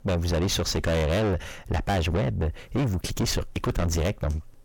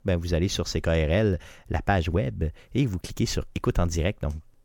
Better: second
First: distortion; heavy; 6 dB below the speech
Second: none

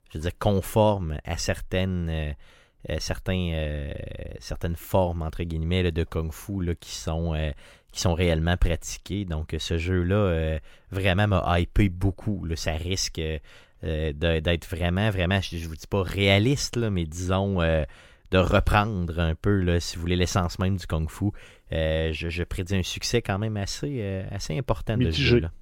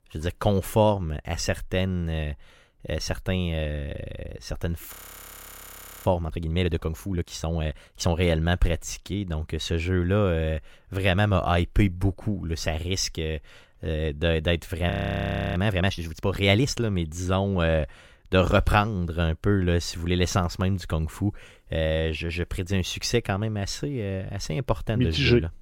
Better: first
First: none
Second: audio freezing; at 5 s for 1 s and at 15 s for 0.5 s

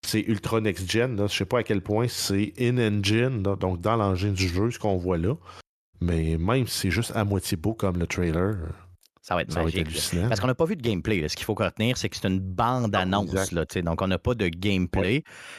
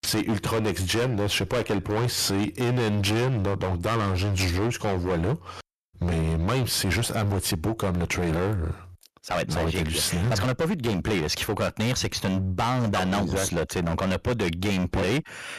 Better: first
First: none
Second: distortion; heavy; 24% of the sound clipped

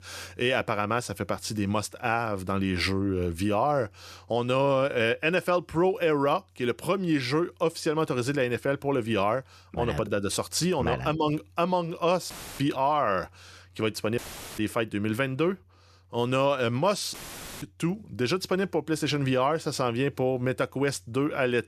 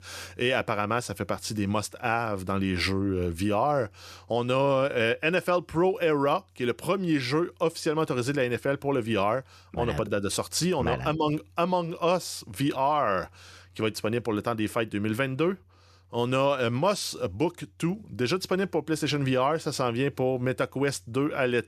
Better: second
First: audio cutting out; filled with static; at 12 s, at 14 s and at 17 s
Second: none

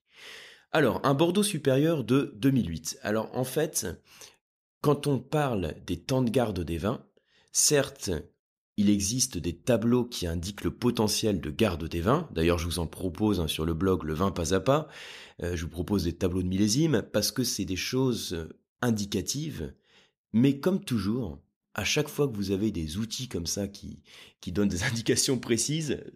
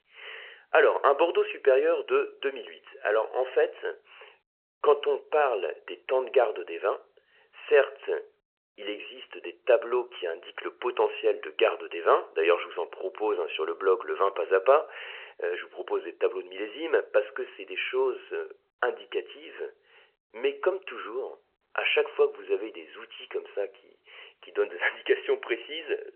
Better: first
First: none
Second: phone-call audio; nothing above 3 kHz

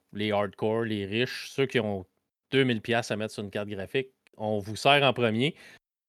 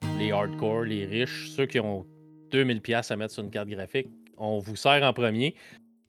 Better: first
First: none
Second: background music; noticeable; throughout; 15 dB below the speech

